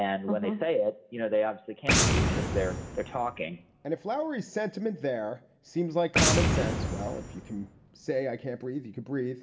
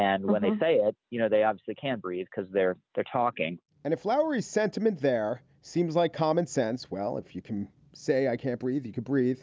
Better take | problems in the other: second | background sound (Boom); 1 dB above the speech // room echo; dies away in 0.6 s

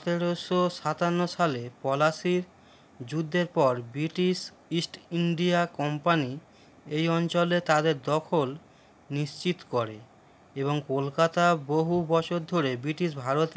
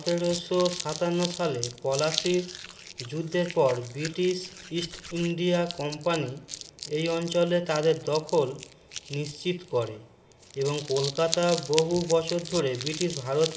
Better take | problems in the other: first | background sound (Crumpling, crinkling); 11 dB below the speech // room echo; dies away in 0.9 s

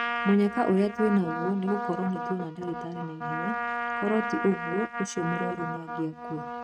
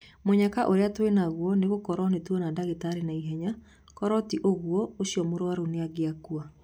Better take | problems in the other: second | noise reduction (neural mask model RNNoise)

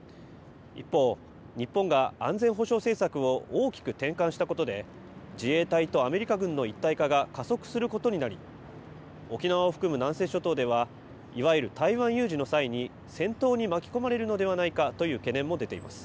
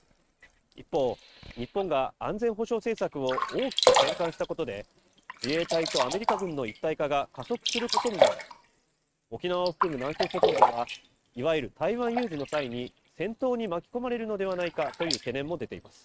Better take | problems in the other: first | noise reduction (neural mask model RNNoise)

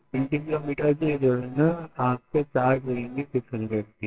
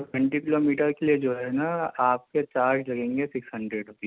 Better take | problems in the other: second | noise reduction (neural separator model SepFormer WHAMR!)

